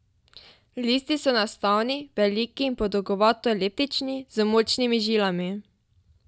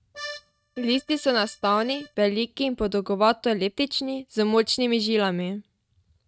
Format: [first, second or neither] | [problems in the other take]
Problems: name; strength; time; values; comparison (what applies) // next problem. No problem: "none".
first | noise reduction (neural mask model RNNoise)